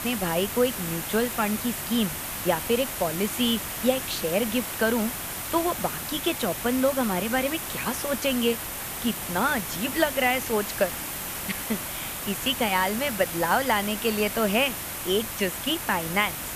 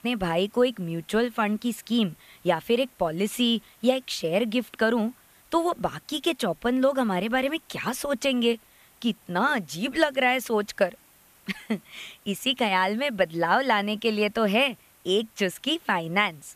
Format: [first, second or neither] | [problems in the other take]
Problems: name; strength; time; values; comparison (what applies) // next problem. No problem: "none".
second | hiss; loud; throughout; 4 dB below the speech; faint in the second